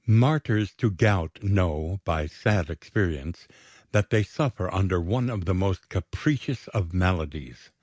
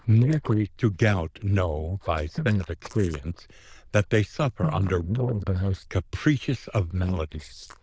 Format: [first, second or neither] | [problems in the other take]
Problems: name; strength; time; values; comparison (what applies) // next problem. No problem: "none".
first | noise reduction (neural diffusion model UNIVERSE++)